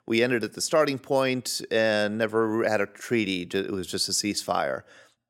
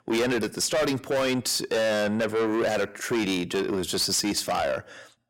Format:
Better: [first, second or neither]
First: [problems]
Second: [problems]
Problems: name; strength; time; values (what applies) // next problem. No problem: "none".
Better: first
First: none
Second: distortion; heavy; 6 dB below the speech